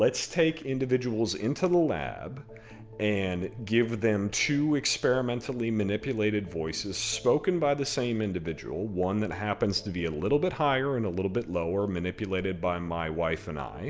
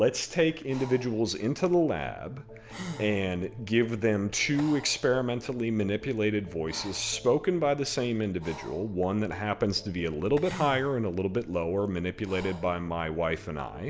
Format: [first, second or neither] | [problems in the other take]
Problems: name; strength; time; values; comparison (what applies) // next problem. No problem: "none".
first | background sound (Breathing + Tap); 19 dB below the speech